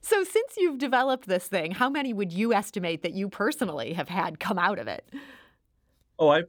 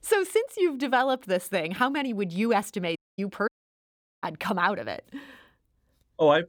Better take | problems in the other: first | audio cutting out; at 3 s and at 3.5 s for 1 s

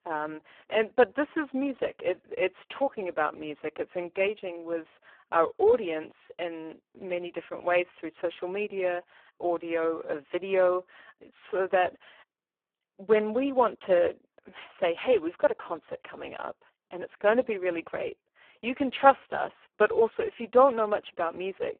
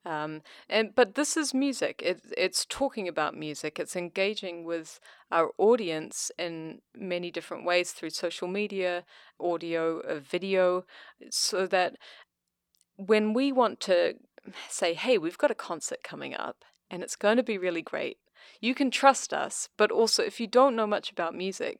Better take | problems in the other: second | phone-call audio; poor line

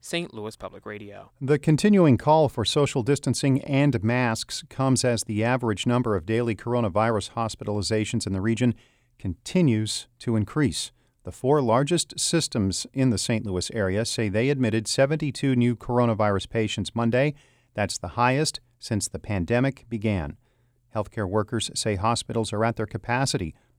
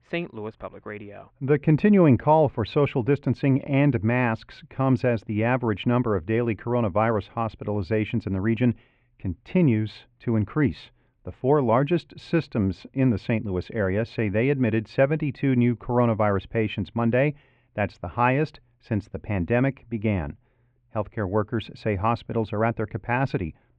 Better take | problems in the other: first | muffled; very; fading above 2.5 kHz

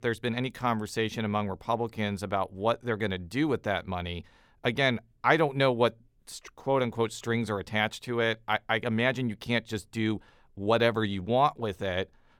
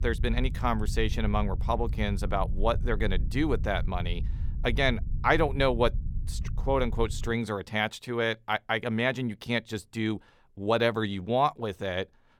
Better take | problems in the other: first | low rumble; faint; until 7.5 s; 20 dB below the speech

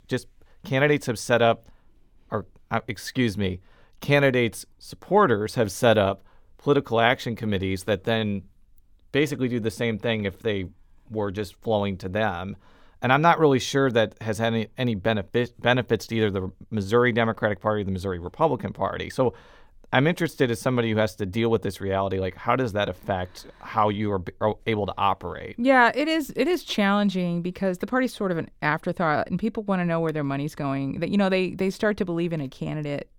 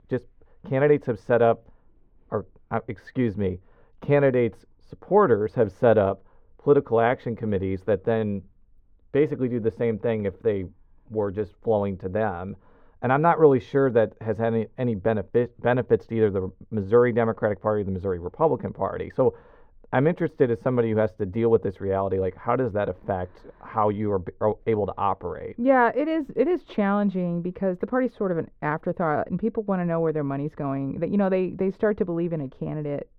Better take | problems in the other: first | muffled; very; fading above 3 kHz

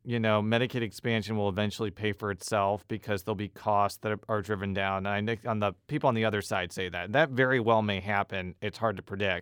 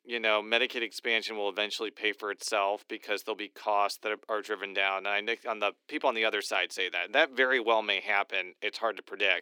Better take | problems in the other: first | thin; very; fading below 300 Hz

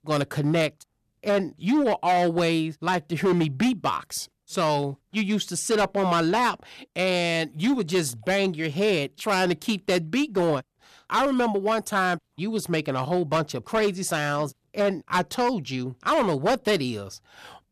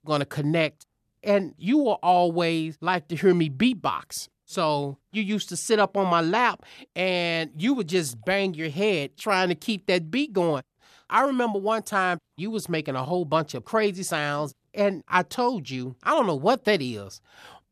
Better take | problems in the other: second | distortion; slight; 8% of the sound clipped

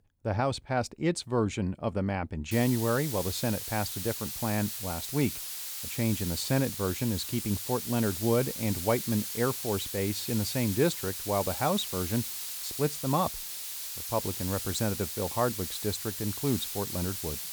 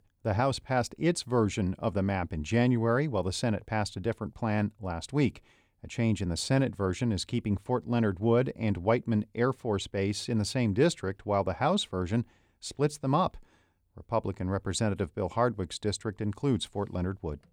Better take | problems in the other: second | hiss; loud; from 2.5 s on; 4 dB below the speech

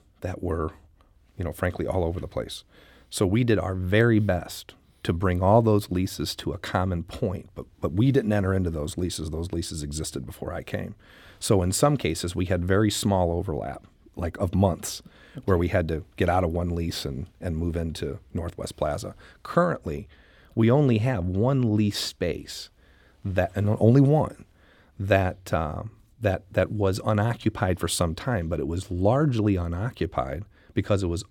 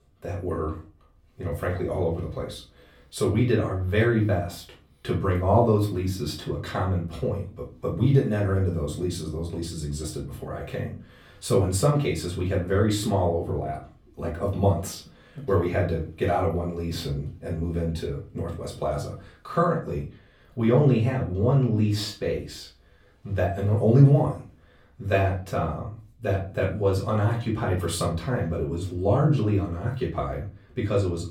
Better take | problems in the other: first | off-mic speech; far // room echo; slight; dies away in 0.3 s

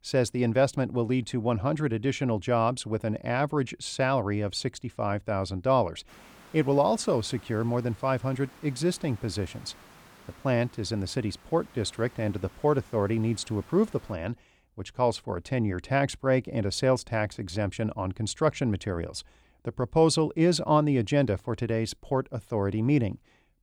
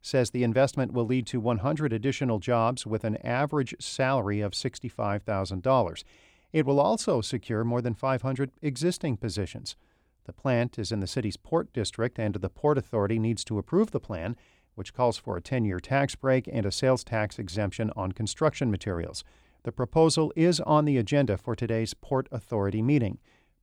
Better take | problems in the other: second | hiss; faint; from 6 to 14 s; 25 dB below the speech

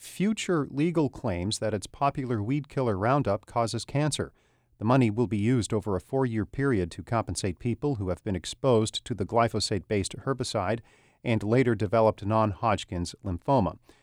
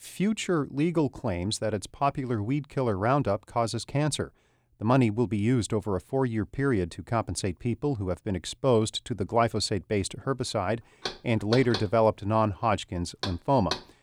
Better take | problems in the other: first | door banging; noticeable; from 11 s on; peak 5 dB below the speech

